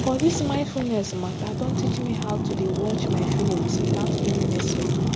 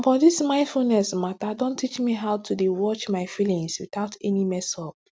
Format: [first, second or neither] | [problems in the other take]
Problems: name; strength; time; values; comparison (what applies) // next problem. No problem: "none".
second | background sound (Fire); 4 dB above the speech